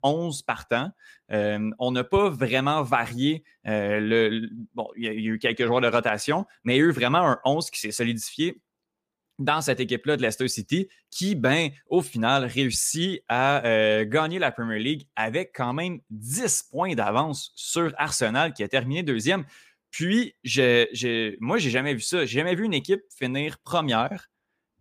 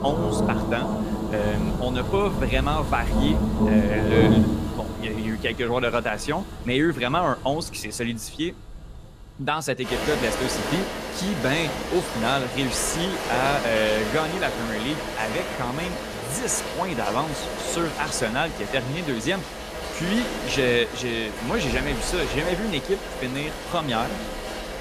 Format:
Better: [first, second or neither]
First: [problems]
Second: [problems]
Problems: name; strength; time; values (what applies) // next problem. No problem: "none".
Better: first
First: none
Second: rain or running water; loud; throughout; 2 dB below the speech